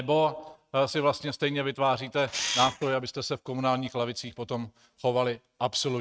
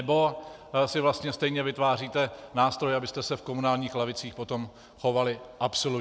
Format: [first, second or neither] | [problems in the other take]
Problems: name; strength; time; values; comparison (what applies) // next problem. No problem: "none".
second | noise reduction (neural mask model RNNoise)